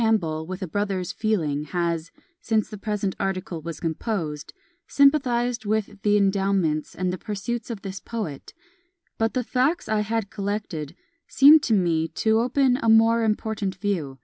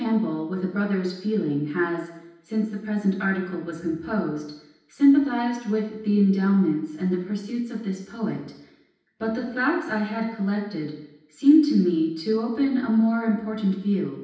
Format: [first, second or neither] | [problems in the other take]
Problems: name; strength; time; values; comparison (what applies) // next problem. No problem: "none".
first | room echo; dies away in 0.9 s